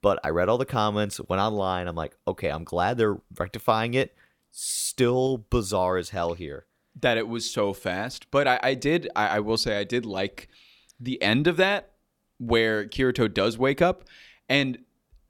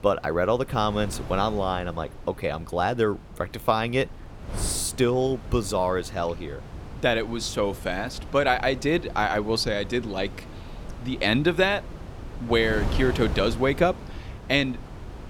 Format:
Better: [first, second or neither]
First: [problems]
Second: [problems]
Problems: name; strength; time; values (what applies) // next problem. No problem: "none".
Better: first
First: none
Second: wind noise on the microphone; occasional gusts; 15 dB below the speech